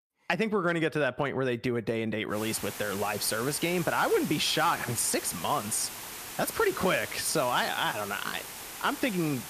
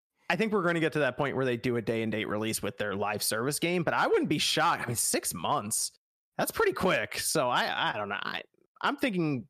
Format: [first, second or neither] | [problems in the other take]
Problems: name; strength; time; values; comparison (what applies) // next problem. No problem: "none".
second | hiss; loud; from 2.5 s on; 10 dB below the speech